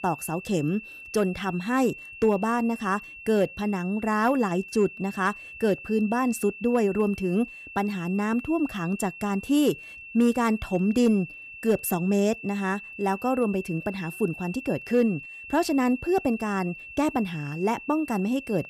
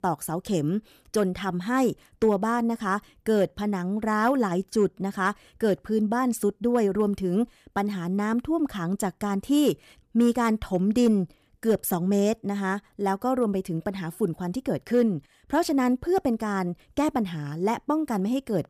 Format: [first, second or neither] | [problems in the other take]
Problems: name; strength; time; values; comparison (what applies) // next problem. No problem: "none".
second | high-pitched whine; noticeable; throughout; 2.5 kHz, 15 dB below the speech